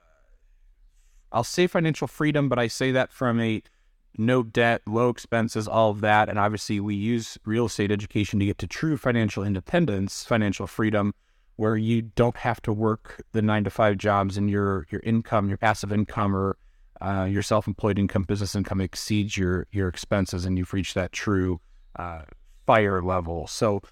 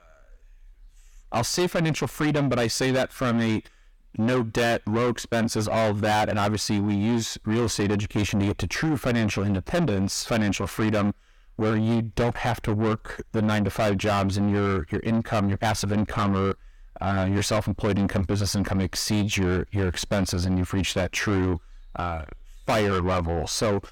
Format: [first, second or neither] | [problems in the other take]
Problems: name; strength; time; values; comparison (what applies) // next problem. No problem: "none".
first | distortion; heavy; 6 dB below the speech